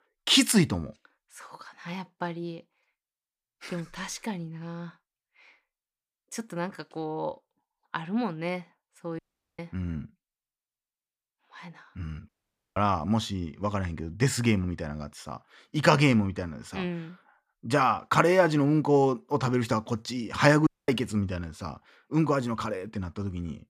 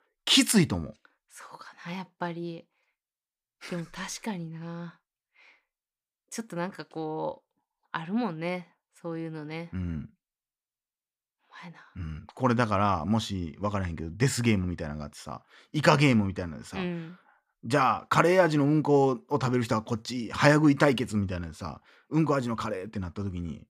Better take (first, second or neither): second